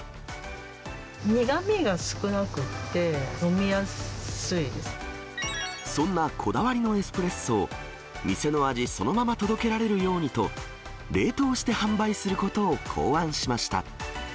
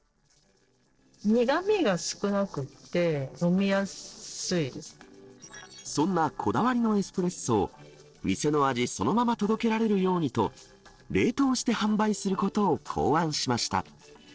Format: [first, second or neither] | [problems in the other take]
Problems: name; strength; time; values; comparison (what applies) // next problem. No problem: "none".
first | noise reduction (neural separator model SepFormer DNS4)